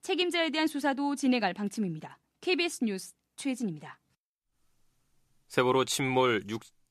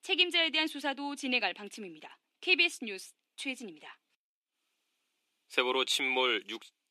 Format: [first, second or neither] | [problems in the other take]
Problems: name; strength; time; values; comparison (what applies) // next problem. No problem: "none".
first | thin; very slightly; fading below 300 Hz